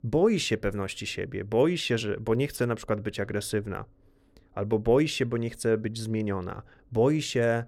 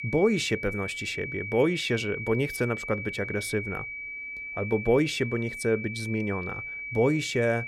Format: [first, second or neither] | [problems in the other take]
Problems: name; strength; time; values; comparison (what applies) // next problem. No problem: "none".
first | high-pitched whine; loud; throughout; 2.5 kHz, 7 dB below the speech